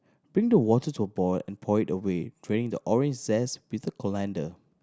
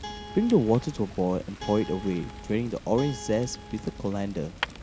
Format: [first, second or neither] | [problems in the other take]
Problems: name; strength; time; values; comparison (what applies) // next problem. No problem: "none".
first | background sound (Fire + Guitar); 12 dB below the speech